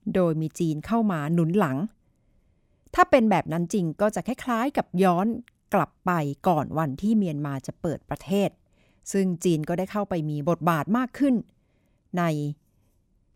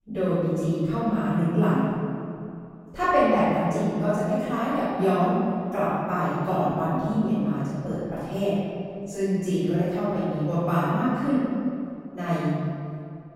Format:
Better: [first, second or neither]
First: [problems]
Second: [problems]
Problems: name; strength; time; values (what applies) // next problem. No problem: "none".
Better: first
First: none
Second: room echo; strong; dies away in 2.2 s // off-mic speech; far